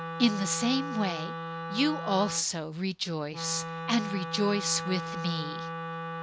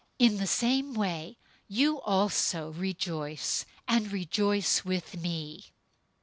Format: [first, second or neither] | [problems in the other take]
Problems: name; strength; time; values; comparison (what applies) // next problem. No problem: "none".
second | background sound (Wind instrument, woodwind instrument); 6 dB below the speech